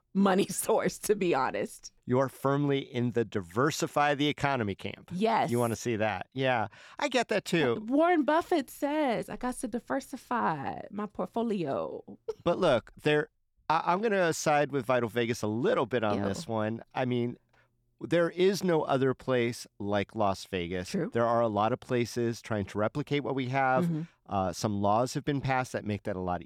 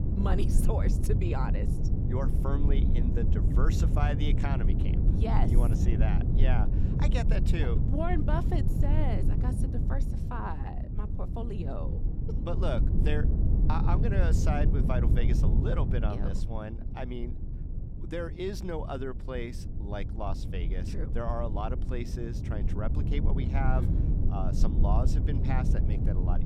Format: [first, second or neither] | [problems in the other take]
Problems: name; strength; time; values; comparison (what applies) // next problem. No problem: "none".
first | low rumble; loud; throughout; 4 dB below the speech